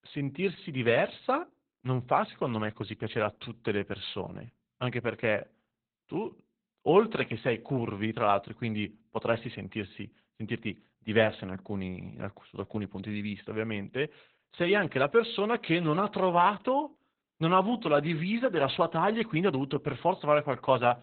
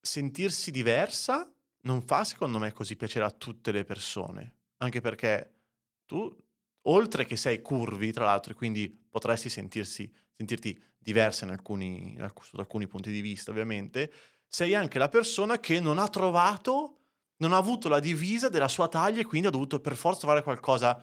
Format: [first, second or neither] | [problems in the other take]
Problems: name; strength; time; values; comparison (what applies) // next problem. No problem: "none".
second | garbled, watery; badly; nothing above 4 kHz; slightly in the second